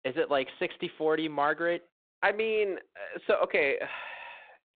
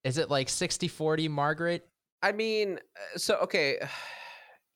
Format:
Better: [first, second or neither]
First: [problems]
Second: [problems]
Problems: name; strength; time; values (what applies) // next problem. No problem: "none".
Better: second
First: phone-call audio; nothing above 4 kHz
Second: none